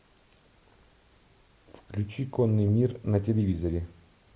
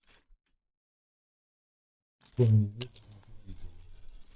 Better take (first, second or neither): first